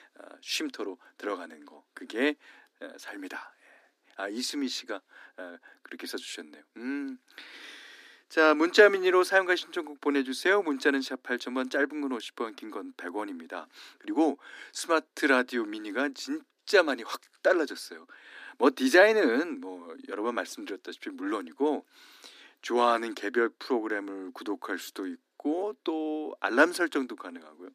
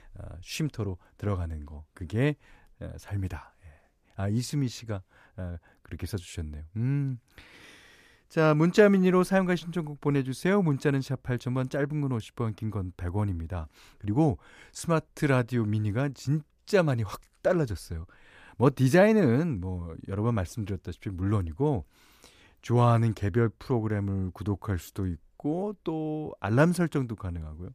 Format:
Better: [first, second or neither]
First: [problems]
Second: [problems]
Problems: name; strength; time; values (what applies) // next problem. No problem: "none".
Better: second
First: thin; somewhat; fading below 250 Hz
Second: none